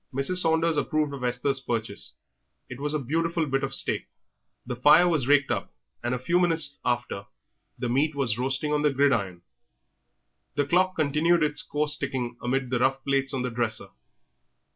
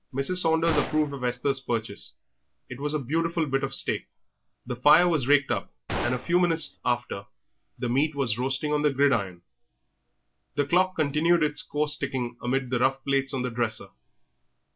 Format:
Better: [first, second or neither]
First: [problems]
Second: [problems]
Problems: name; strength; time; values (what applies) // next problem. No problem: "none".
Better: first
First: none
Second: background sound (Gunshot, gunfire); 11 dB below the speech